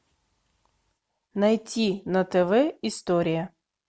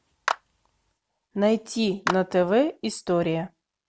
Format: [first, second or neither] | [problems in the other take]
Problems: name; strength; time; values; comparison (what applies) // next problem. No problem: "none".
first | background sound (Clapping); 9 dB below the speech